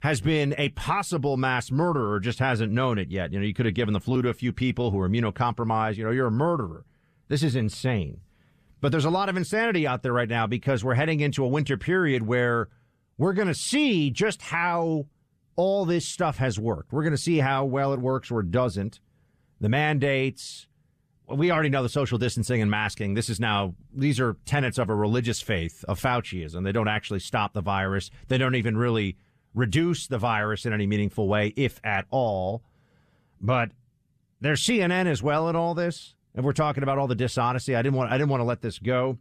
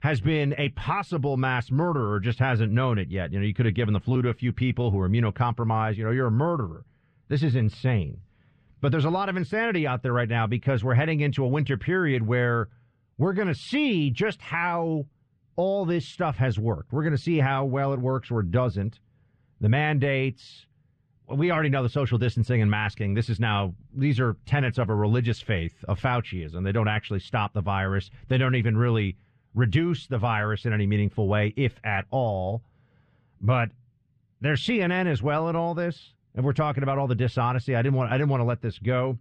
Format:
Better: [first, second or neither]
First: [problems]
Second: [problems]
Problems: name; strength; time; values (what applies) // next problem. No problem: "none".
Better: first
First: none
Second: muffled; slightly; fading above 3 kHz